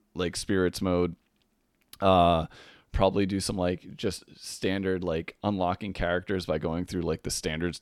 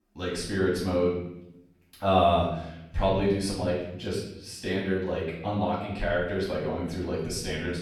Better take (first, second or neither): first